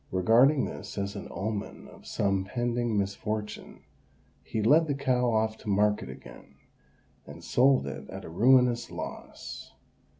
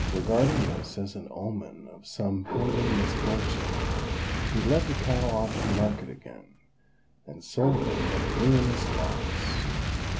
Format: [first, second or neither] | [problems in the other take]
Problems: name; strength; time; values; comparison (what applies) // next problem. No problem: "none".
first | background sound (Fire); as loud as the speech